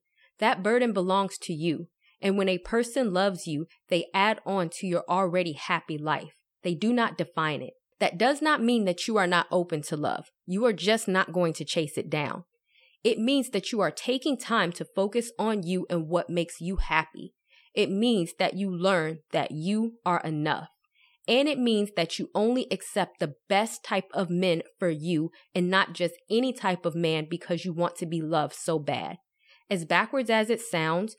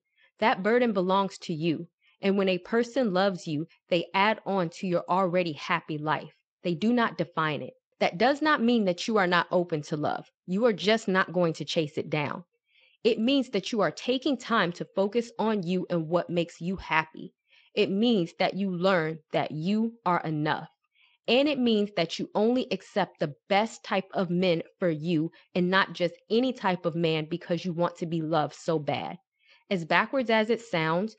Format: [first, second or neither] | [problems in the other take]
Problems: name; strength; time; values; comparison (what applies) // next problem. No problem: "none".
first | garbled, watery; slightly; nothing above 7.5 kHz